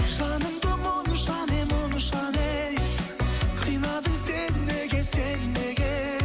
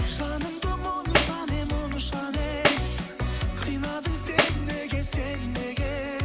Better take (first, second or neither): first